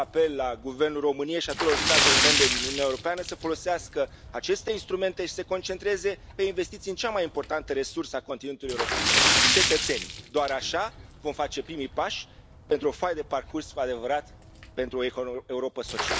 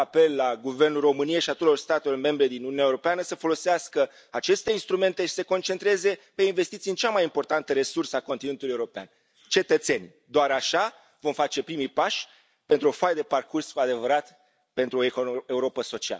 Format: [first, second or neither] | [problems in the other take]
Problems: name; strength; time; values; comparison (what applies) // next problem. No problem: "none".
second | background sound (Splash, splatter); 1 dB below the speech